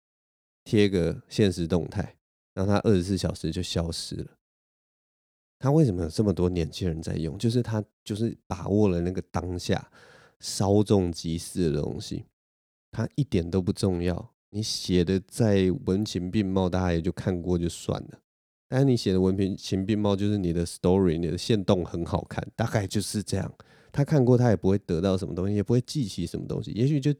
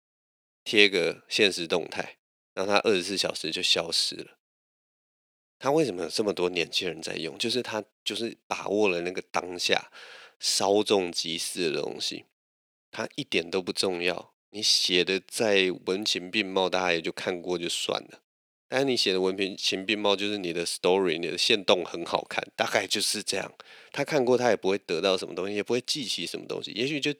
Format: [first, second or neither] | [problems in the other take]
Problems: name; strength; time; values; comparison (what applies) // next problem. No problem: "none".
first | thin; somewhat; fading below 450 Hz